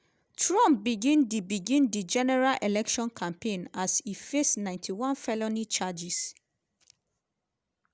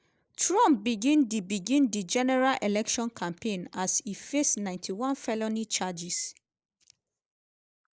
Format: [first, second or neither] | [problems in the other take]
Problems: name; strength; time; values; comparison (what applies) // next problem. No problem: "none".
first | noise reduction (neural mask model Resemble Enhance denoiser)